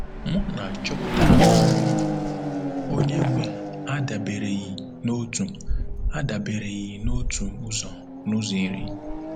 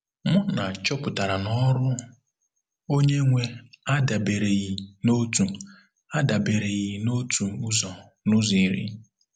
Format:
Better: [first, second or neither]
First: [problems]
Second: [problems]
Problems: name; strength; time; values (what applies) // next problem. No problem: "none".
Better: second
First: background sound (Race car, auto racing / Accelerating, revving, vroom); 4 dB above the speech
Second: none